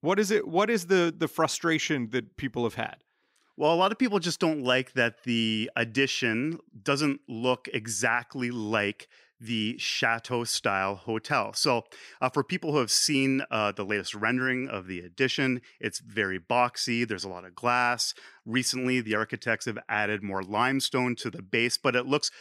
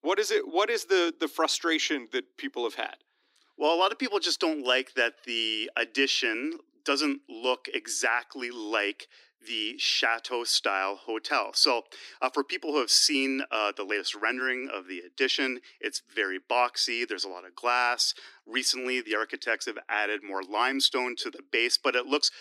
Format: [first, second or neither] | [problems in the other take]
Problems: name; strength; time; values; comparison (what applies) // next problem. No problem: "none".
first | thin; very slightly; fading below 300 Hz